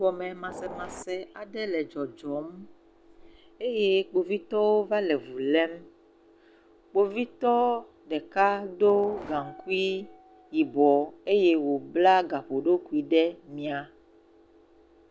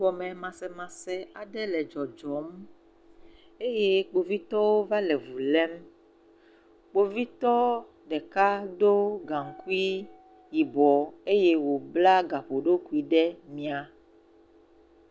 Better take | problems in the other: second | background sound (Train); 13 dB below the speech

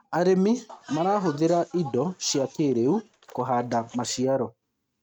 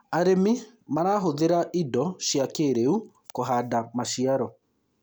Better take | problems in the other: second | noise reduction (neural mask model RNNoise)

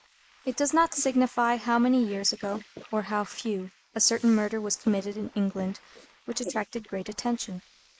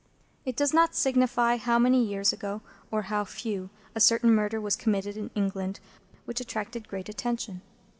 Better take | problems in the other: second | noise reduction (neural mask model Resemble Enhance denoiser)

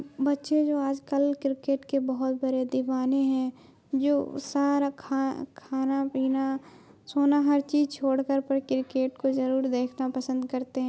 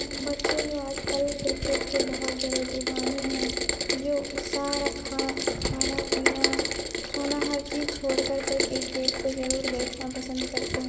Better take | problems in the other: first | background sound (Rain); 2 dB above the speech // room echo; dies away in 1.8 s

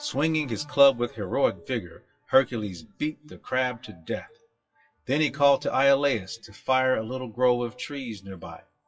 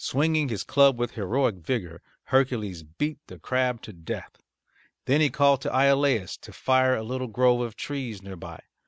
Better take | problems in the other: second | noise reduction (classical method WPE with log-MMSE)

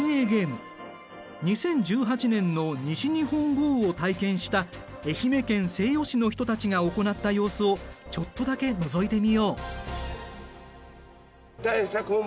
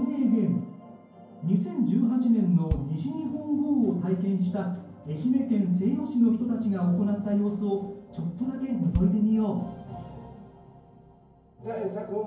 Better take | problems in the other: first | background sound (Bass drum); 12 dB below the speech // room echo; dies away in 0.9 s

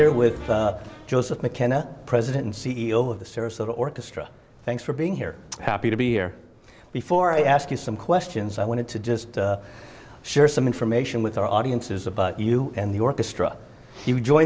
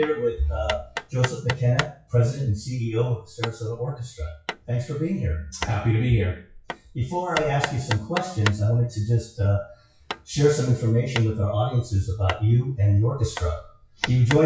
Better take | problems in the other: first | noise reduction (classical method WPE with log-MMSE)

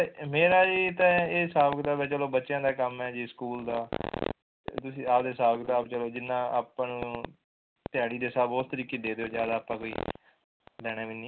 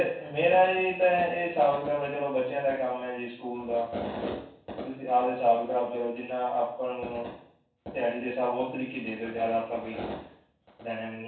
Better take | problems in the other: first | room echo; dies away in 0.7 s

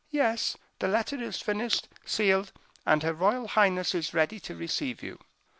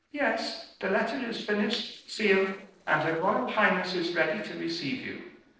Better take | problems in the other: first | noise reduction (neural separator model SepFormer DNS4)

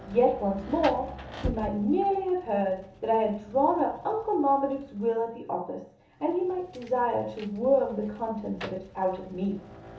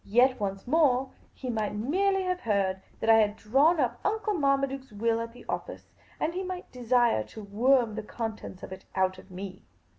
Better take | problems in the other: second | background sound (Rain); 16 dB below the speech // room echo; dies away in 1.2 s

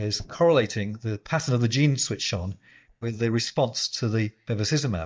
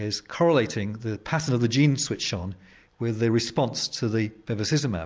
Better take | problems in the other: second | noise reduction (neural mask model DeepFilterNet 3)

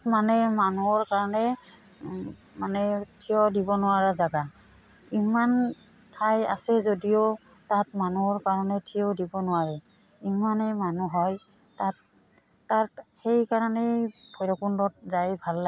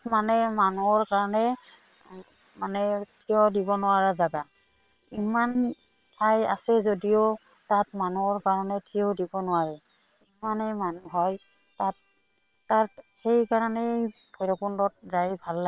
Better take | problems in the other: first | noise reduction (neural separator model SepFormer WHAM!)

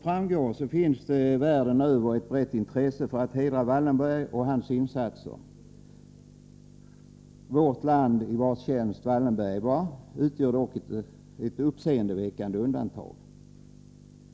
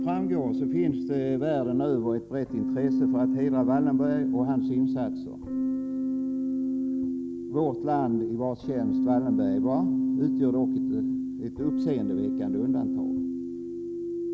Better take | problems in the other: first | background sound (Keyboard (musical)); 3 dB above the speech

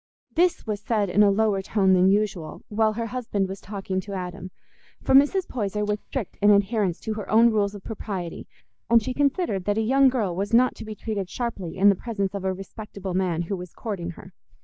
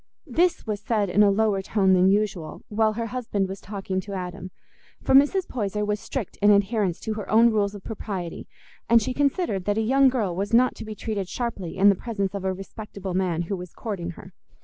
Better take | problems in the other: second | noise reduction (neural mask model DeepFilterNet 3)

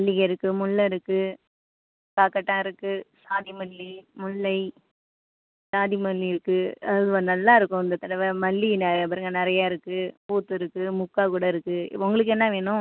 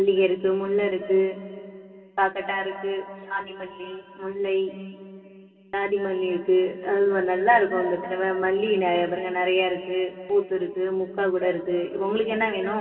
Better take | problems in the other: first | room echo; dies away in 2.8 s

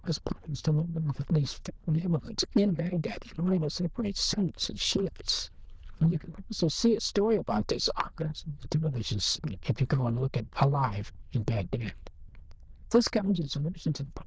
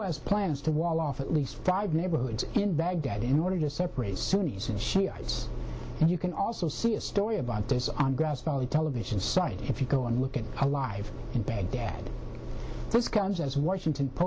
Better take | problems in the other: second | noise reduction (neural diffusion model UNIVERSE++)

